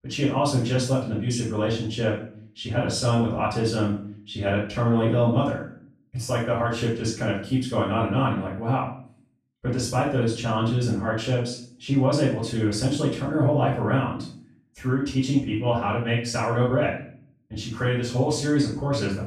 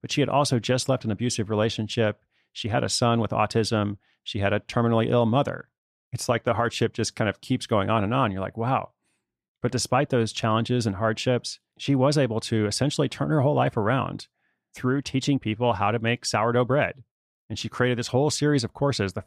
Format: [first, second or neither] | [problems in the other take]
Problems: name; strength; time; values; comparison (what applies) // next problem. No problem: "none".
second | off-mic speech; far // room echo; noticeable; dies away in 0.5 s